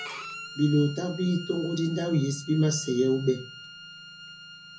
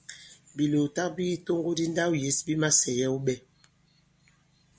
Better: second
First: background sound (Bowed string instrument); 15 dB below the speech // room echo; dies away in 0.4 s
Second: none

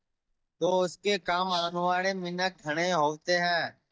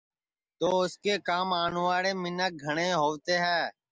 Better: second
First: noise reduction (neural mask model DeepFilterNet 3)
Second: none

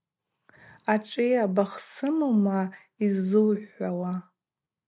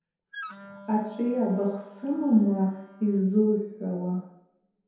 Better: first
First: none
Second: background sound (Wind instrument, woodwind instrument); 19 dB below the speech // room echo; dies away in 0.9 s

